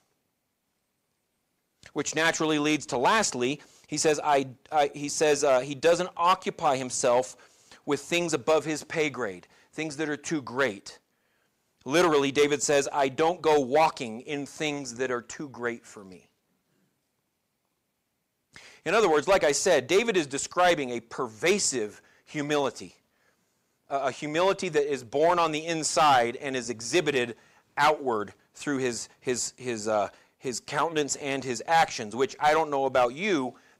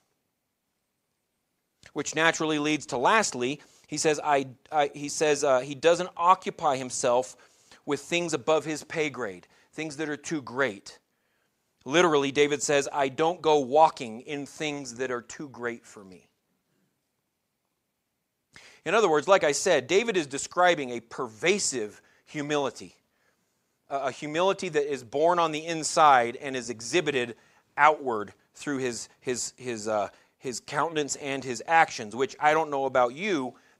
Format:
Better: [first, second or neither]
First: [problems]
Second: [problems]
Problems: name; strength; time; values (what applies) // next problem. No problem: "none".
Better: second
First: distortion; slight; 2% of the sound clipped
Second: none